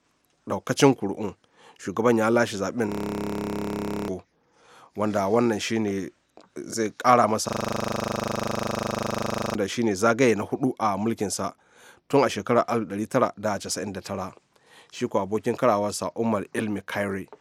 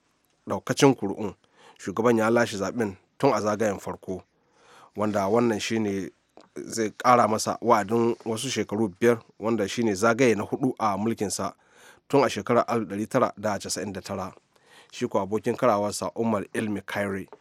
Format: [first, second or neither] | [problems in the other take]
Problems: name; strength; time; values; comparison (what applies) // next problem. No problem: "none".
second | audio freezing; at 3 s for 1 s and at 7.5 s for 2 s